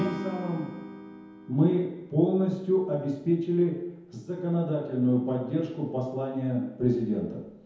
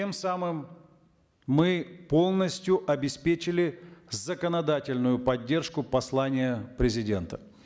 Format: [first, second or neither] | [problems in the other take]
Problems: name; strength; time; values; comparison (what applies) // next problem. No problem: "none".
second | background sound (Acoustic guitar / Strum); 16 dB below the speech // room echo; dies away in 1 s